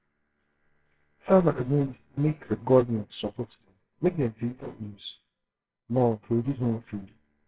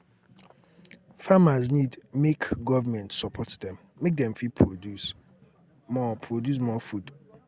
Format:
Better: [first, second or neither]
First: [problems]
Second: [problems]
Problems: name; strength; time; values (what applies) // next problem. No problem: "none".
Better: second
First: noise reduction (neural separator model SepFormer WHAMR!)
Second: none